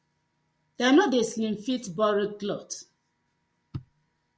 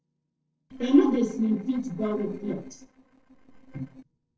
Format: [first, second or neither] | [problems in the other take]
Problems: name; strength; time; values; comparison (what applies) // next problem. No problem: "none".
first | noise reduction (neural separator model SepFormer DNS4)